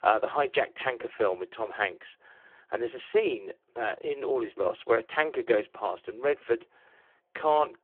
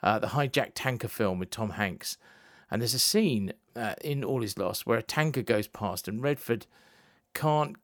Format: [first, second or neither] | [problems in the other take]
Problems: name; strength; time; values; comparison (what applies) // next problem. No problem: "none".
second | phone-call audio; poor line